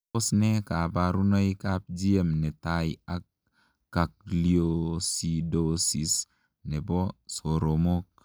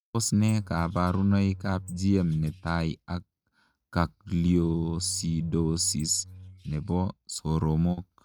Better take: first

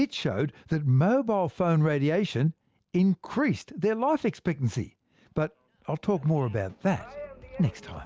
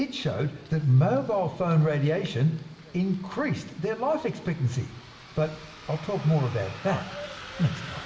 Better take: first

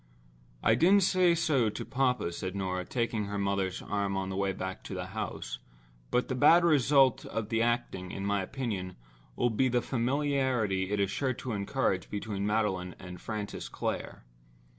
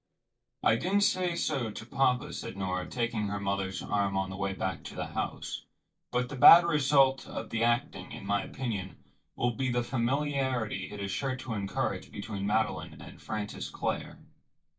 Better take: first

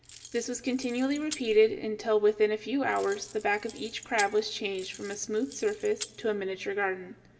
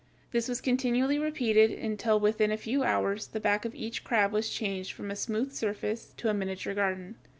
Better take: second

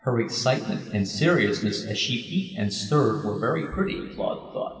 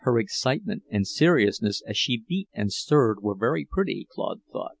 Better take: second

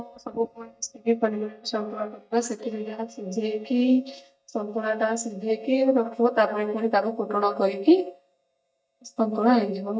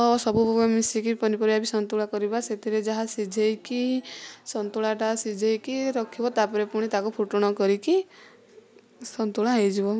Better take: second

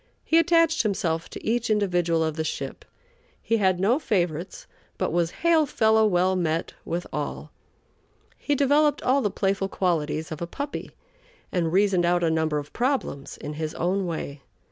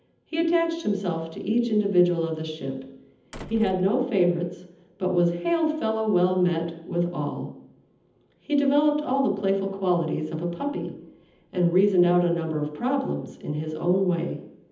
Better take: first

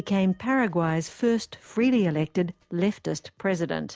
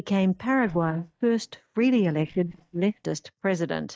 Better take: first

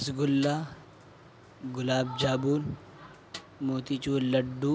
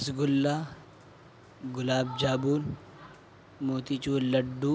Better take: second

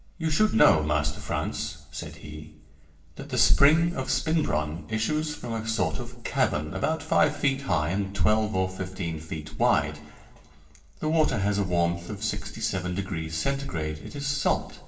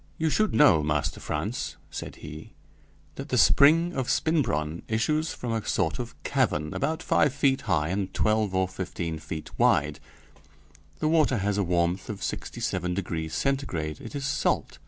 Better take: second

